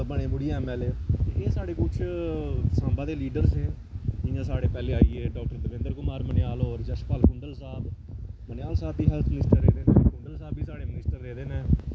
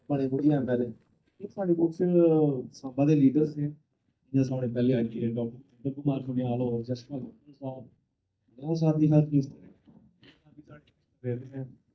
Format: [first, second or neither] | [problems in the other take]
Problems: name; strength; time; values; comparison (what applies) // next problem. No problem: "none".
first | noise reduction (neural mask model DeepFilterNet 3)